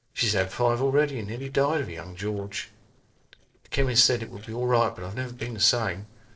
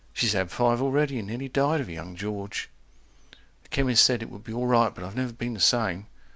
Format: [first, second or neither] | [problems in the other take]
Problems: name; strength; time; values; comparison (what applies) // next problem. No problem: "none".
second | noise reduction (neural separator model SepFormer DNS4)